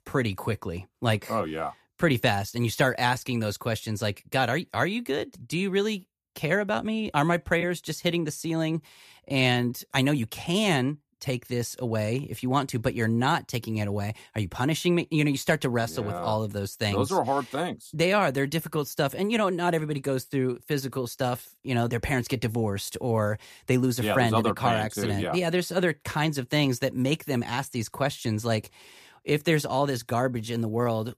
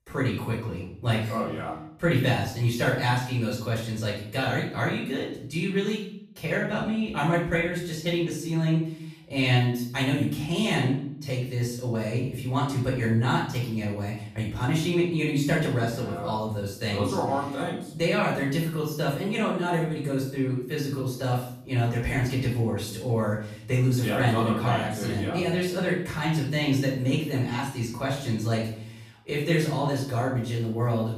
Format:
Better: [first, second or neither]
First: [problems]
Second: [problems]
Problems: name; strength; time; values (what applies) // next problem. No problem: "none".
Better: first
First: none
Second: off-mic speech; far // room echo; noticeable; dies away in 0.6 s